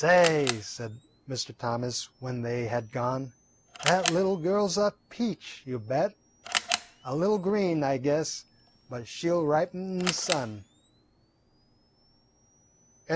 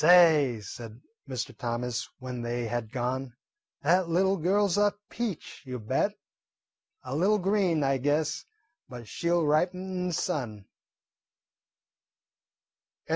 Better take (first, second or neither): second